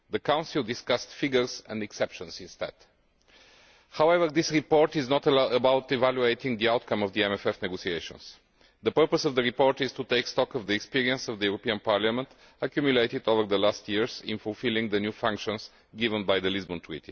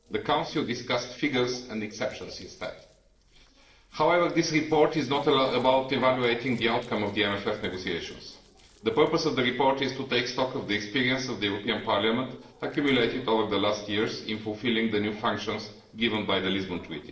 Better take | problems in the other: first | noise reduction (neural separator model SepFormer DNS4)

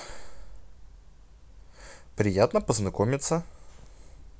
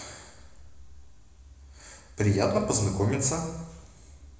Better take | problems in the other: first | room echo; dies away in 1 s

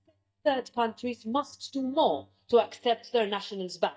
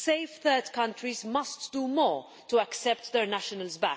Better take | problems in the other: second | noise reduction (neural mask model DeepFilterNet 3)

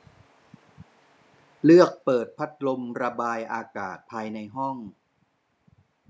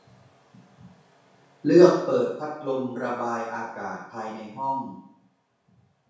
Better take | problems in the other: first | room echo; dies away in 0.6 s

